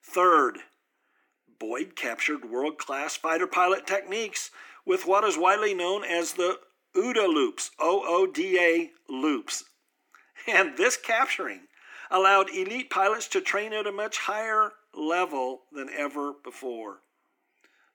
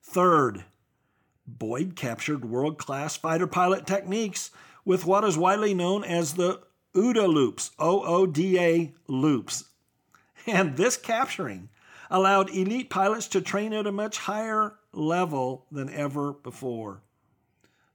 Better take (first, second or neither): second